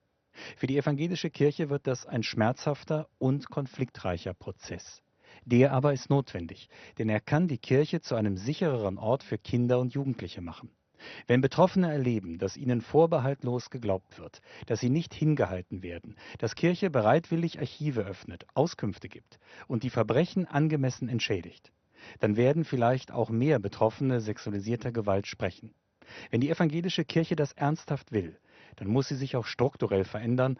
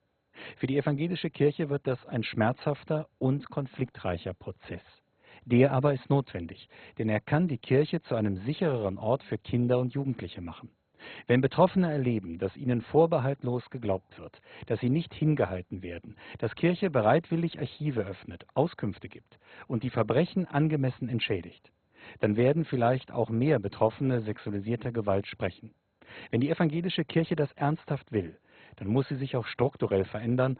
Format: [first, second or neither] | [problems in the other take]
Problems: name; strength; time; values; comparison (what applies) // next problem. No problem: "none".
first | garbled, watery; badly; nothing above 4 kHz; slightly in the first